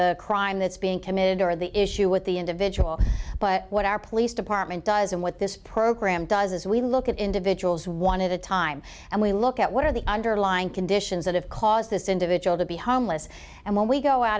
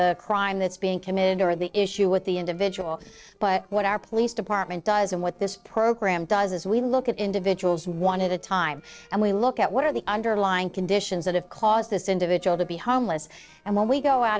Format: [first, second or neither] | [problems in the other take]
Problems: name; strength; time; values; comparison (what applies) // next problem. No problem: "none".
first | noise reduction (neural separator model SepFormer DNS4)